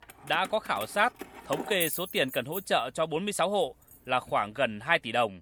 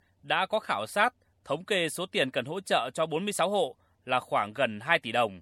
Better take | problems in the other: second | jangling keys; noticeable; until 4.5 s; peak 3 dB below the speech

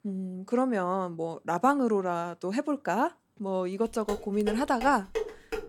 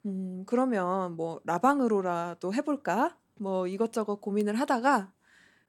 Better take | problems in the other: second | clattering dishes; noticeable; from 4 s on; peak 6 dB below the speech

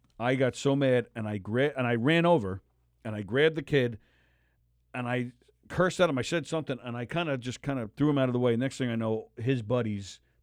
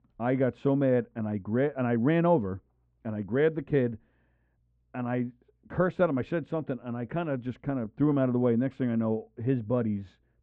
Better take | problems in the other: first | muffled; very; fading above 1.5 kHz

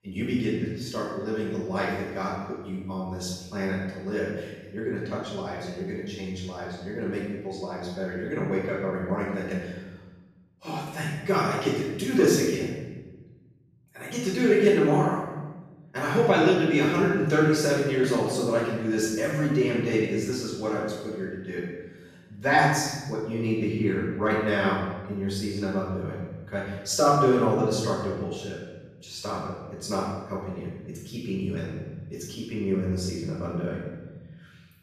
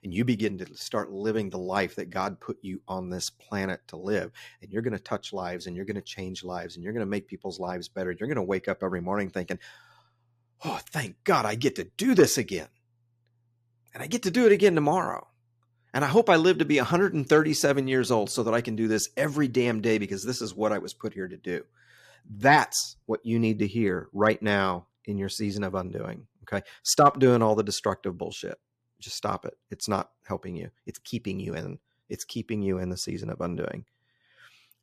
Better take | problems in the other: second | room echo; strong; dies away in 1.3 s // off-mic speech; far

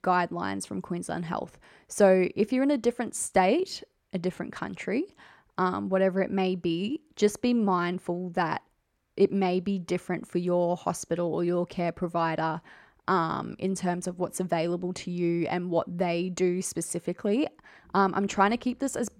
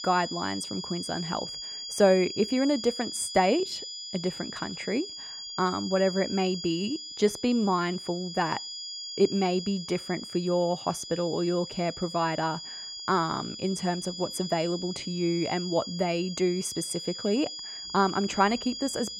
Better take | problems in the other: first | high-pitched whine; loud; throughout; 5 kHz, 8 dB below the speech

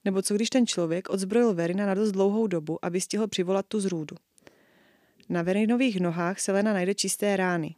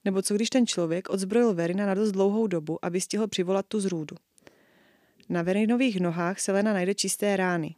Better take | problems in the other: neither | none

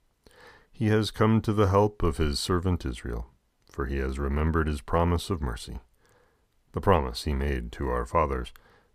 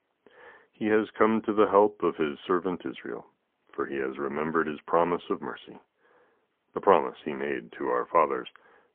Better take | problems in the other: first | phone-call audio; poor line; nothing above 3.5 kHz

